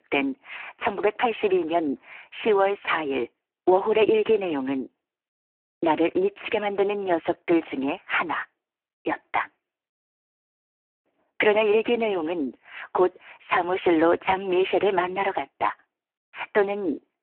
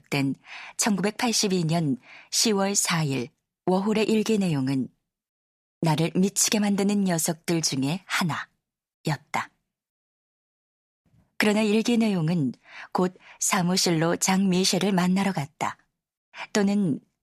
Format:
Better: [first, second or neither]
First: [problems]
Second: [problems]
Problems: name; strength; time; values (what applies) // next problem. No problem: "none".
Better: second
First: phone-call audio; poor line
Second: none